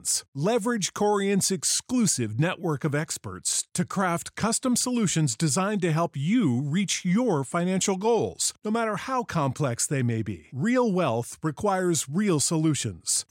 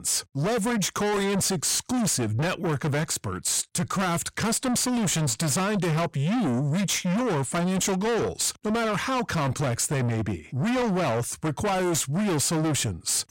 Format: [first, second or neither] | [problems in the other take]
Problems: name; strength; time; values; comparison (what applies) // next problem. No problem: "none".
first | distortion; heavy; 6 dB below the speech